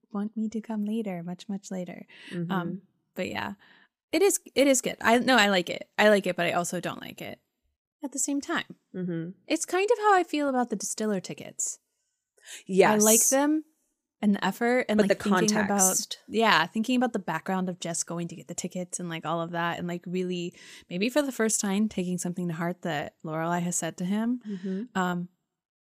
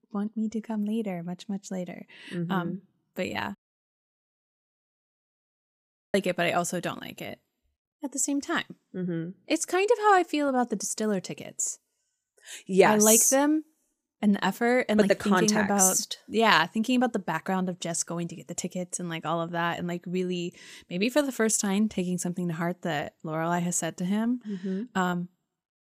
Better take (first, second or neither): first